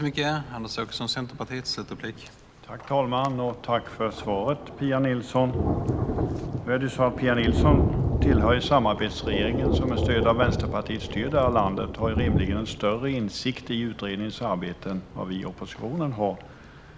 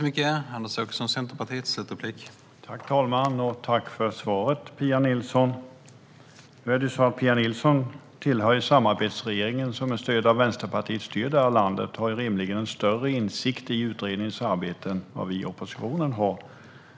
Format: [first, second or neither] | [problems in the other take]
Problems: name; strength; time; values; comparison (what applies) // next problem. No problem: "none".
second | background sound (Thunder); 2 dB below the speech